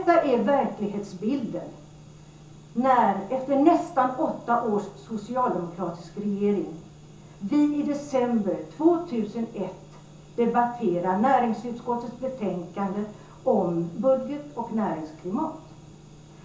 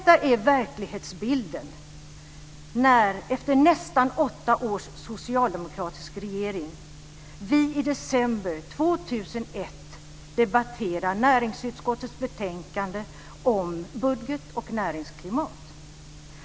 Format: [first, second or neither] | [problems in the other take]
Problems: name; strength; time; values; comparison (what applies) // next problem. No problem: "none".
second | room echo; dies away in 0.6 s